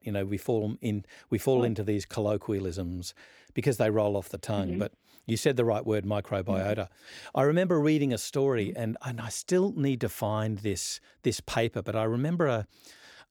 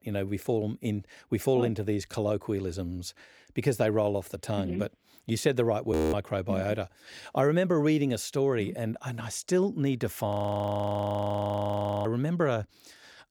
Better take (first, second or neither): first